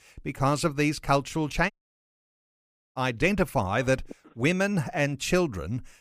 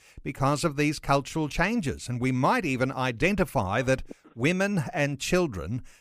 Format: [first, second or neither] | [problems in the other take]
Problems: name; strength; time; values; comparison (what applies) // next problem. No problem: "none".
second | audio cutting out; at 1.5 s for 1.5 s